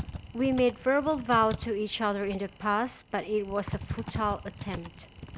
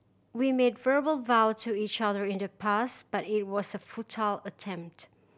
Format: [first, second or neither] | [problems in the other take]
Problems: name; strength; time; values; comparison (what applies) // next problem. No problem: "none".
second | background sound (Typing); 11 dB below the speech